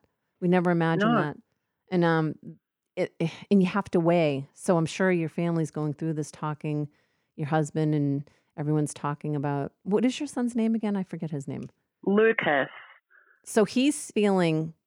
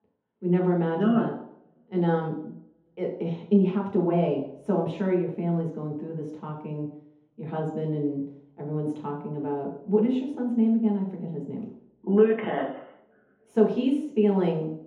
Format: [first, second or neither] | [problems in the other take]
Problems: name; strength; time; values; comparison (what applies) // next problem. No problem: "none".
first | room echo; noticeable; dies away in 2.1 s // off-mic speech; far